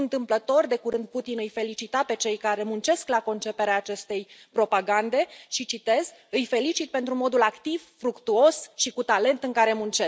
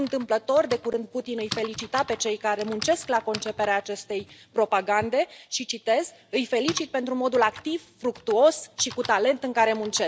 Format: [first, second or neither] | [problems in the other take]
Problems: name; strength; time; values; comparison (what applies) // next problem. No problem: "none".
first | background sound (Typing); 17 dB below the speech